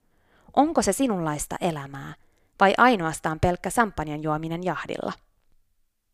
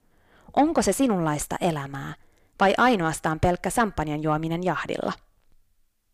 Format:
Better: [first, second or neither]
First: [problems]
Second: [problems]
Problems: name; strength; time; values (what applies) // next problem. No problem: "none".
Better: first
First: none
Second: distortion; slight; 10 dB below the speech